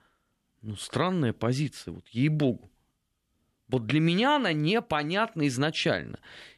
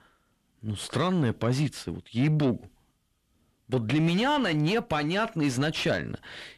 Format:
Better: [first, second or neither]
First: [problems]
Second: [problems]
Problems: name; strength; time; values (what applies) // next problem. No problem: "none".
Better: first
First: none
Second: distortion; slight; 10 dB below the speech